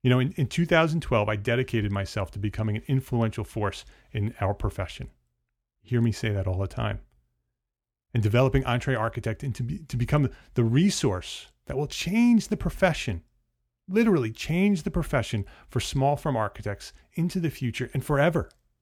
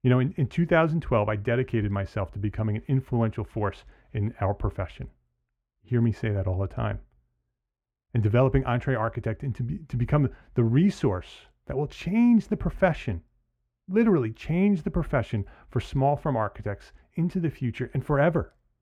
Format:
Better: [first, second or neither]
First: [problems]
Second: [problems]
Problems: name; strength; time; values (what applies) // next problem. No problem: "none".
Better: first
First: none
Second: muffled; slightly; fading above 3 kHz